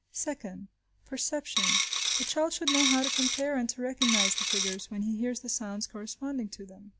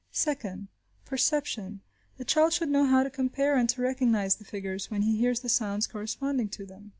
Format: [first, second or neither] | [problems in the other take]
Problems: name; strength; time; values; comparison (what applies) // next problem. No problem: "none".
second | background sound (Coin (dropping)); 4 dB above the speech